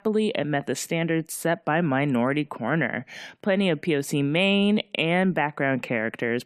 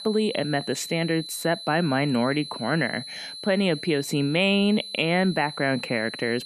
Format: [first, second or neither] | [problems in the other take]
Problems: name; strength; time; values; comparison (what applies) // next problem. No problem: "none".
first | high-pitched whine; noticeable; throughout; 4 kHz, 10 dB below the speech